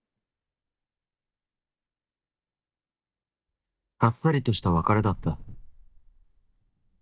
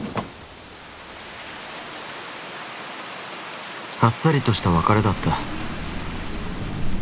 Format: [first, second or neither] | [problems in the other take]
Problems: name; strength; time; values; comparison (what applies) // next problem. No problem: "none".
second | noise reduction (neural mask model DeepFilterNet 3)